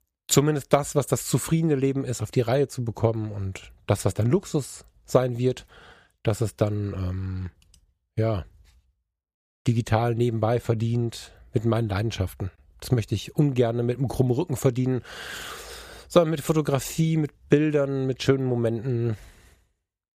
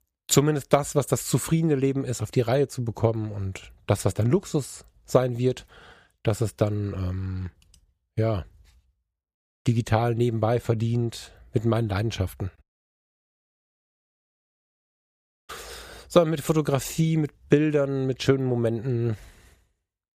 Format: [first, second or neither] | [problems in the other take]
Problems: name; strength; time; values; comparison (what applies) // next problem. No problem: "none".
first | audio cutting out; at 13 s for 3 s